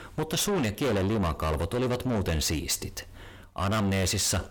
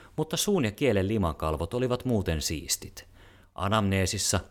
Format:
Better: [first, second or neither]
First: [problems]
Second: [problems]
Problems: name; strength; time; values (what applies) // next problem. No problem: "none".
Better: second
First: distortion; heavy; 6 dB below the speech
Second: none